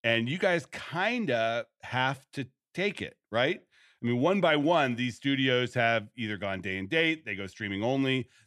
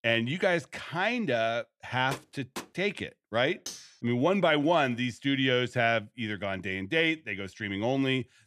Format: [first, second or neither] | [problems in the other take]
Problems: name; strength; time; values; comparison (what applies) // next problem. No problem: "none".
first | door banging; faint; at 2 s; peak 15 dB below the speech // clattering dishes; faint; at 3.5 s; peak 10 dB below the speech